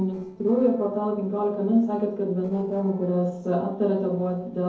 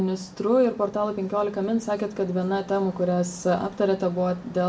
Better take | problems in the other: second | noise reduction (neural separator model SepFormer DNS4)

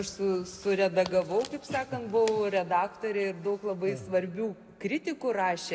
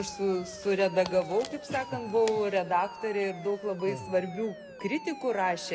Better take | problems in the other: first | background sound (Alarm); 15 dB below the speech

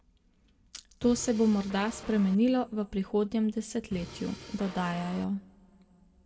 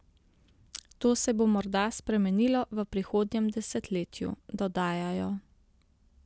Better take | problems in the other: second | background sound (Drum kit); 15 dB below the speech // room echo; dies away in 1.3 s

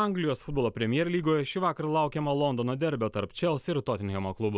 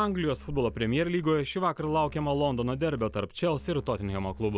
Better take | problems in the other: first | background sound (Musical instrument); 18 dB below the speech

